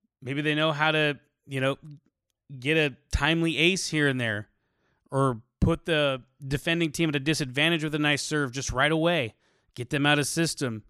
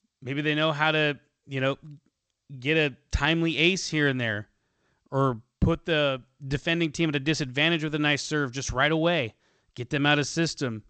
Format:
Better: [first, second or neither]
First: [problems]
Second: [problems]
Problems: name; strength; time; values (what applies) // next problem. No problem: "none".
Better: first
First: none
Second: garbled, watery; slightly; nothing above 8 kHz